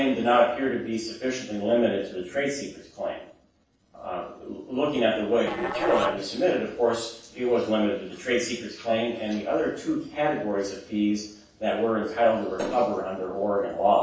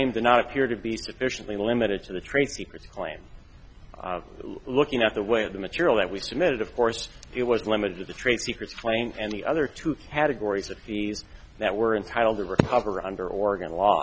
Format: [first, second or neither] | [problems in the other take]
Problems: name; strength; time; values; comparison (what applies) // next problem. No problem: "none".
second | noise reduction (neural separator model SepFormer DNS4)